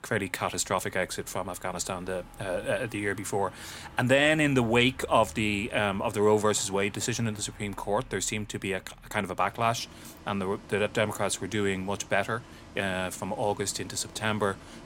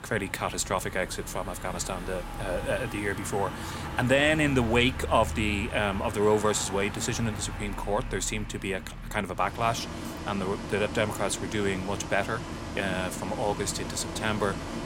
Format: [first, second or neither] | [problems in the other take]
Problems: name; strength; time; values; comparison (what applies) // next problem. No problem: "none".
first | traffic noise; loud; throughout; 9 dB below the speech; faint in the first